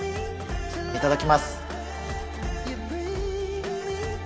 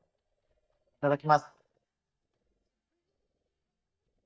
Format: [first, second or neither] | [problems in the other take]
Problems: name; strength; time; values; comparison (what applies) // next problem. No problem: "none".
first | noise reduction (neural mask model DeepFilterNet 3)